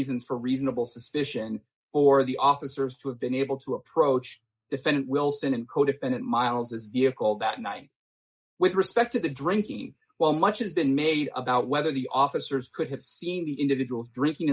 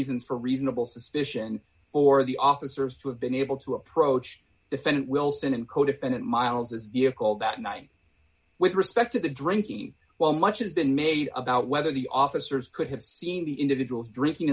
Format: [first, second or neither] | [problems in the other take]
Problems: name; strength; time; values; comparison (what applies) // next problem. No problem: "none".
second | noise reduction (neural mask model Resemble Enhance denoiser)